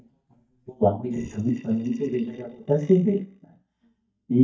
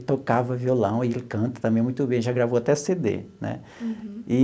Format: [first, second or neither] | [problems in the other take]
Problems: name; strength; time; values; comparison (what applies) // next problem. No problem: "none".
second | noise reduction (neural mask model DeepFilterNet 3)